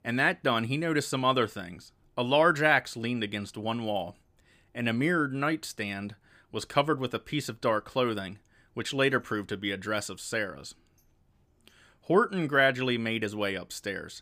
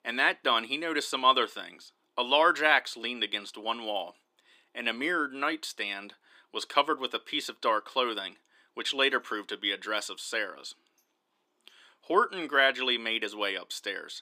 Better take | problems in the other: first | thin; somewhat; fading below 300 Hz

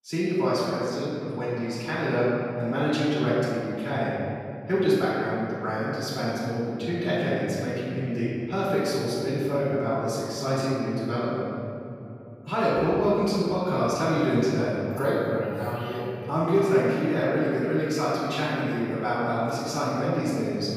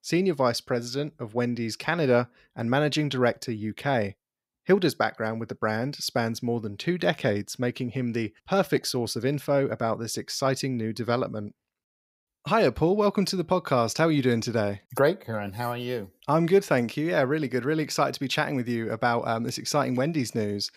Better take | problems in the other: second | off-mic speech; far // room echo; strong; dies away in 3 s

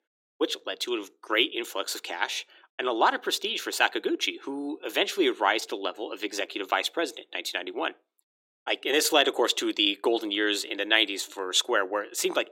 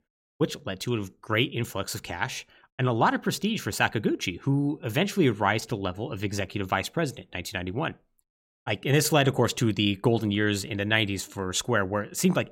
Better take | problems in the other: second | thin; very; fading below 350 Hz

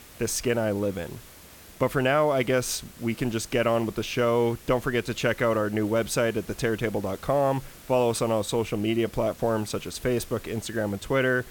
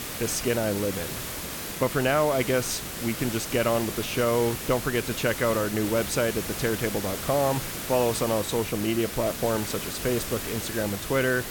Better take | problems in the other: first | hiss; loud; throughout; 6 dB below the speech; faint in the first

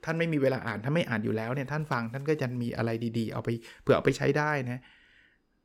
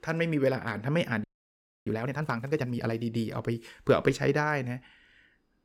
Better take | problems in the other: first | audio freezing; at 1 s for 0.5 s

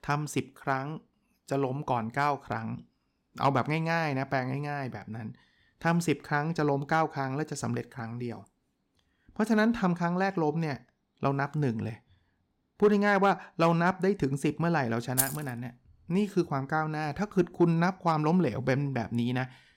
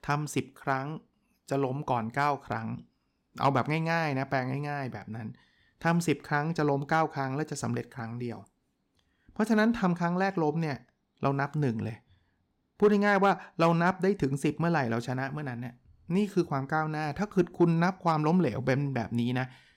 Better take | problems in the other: second | jangling keys; loud; at 15 s; peak level with the speech

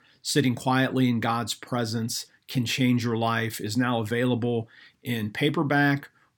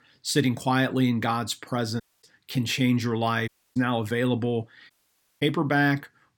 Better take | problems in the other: first | audio cutting out; at 2 s, at 3.5 s and at 5 s for 0.5 s

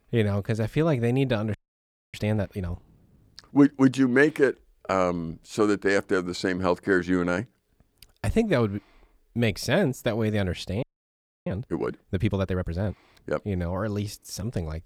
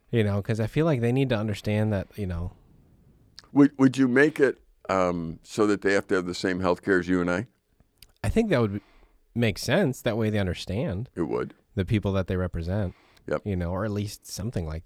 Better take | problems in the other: second | audio freezing; at 1.5 s for 0.5 s and at 11 s for 0.5 s

